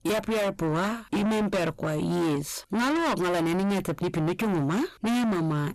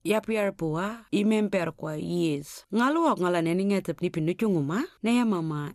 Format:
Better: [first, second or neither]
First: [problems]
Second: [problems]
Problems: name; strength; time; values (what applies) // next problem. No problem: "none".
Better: second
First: distortion; heavy; 6 dB below the speech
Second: none